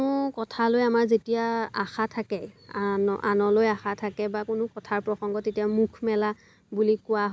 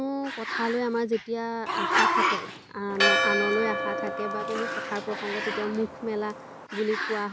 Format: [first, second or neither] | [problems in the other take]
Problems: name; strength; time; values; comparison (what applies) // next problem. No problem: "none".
first | background sound (Growling + Church bell); 1 dB above the speech